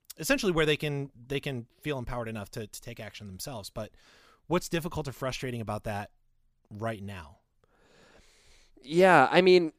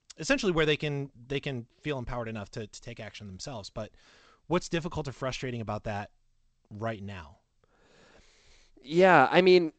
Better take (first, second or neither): first